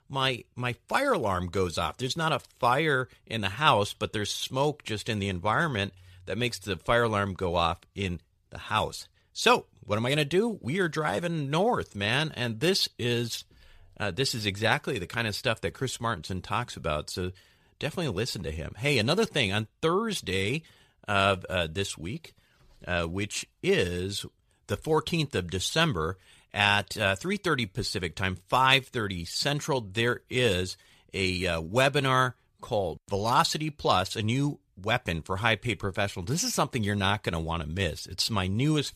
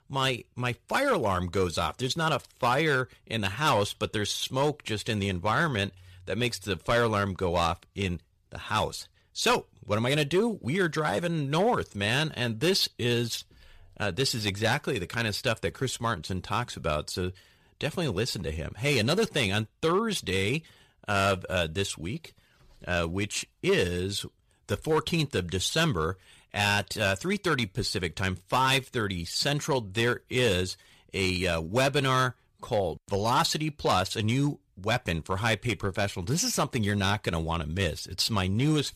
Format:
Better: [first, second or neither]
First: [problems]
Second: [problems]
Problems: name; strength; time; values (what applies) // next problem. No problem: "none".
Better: first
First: none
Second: distortion; slight; 3% of the sound clipped